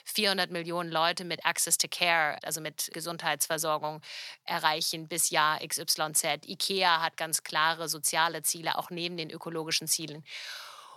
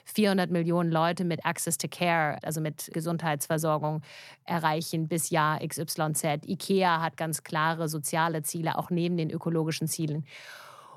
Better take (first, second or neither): second